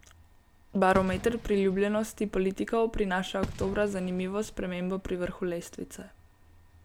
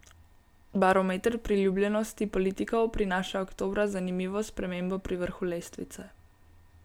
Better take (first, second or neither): second